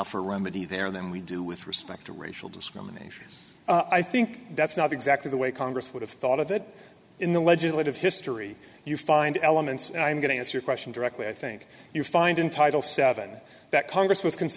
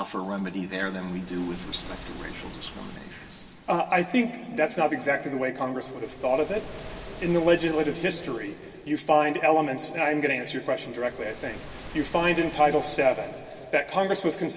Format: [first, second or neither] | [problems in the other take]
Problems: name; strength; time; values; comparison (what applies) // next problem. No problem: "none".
first | background sound (Waves, surf); 18 dB below the speech // room echo; dies away in 2.5 s